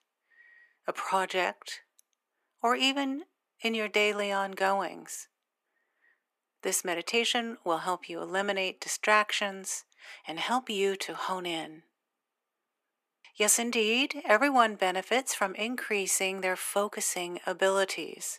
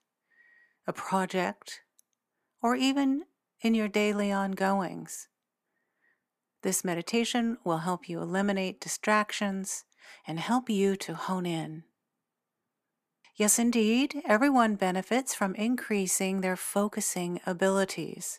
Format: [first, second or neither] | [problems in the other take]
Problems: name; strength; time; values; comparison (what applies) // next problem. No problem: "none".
second | thin; somewhat; fading below 450 Hz